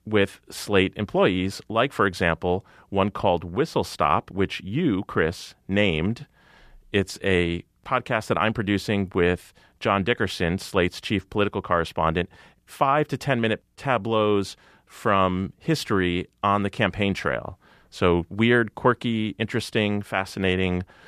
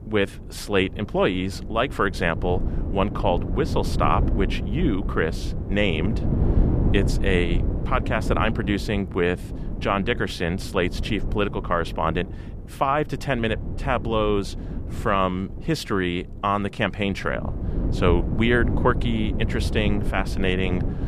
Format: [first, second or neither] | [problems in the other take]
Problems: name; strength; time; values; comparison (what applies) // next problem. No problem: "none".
first | wind noise on the microphone; occasional gusts; 10 dB below the speech